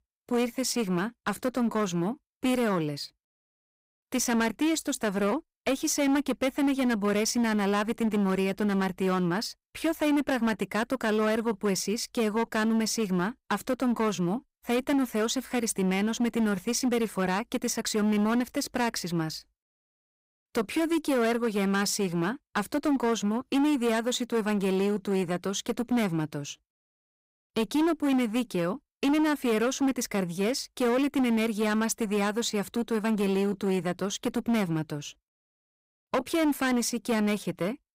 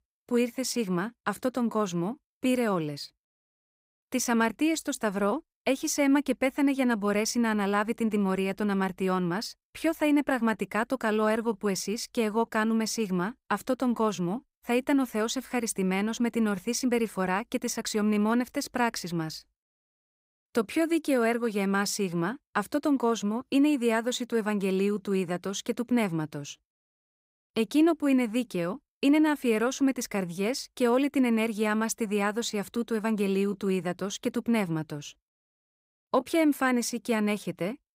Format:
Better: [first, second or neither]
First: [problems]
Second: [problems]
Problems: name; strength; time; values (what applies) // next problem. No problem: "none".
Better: second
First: distortion; slight; 12% of the sound clipped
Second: none